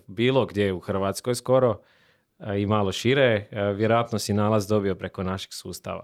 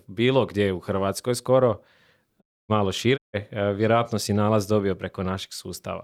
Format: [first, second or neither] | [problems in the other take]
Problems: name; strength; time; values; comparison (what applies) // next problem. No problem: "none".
first | audio cutting out; at 2.5 s and at 3 s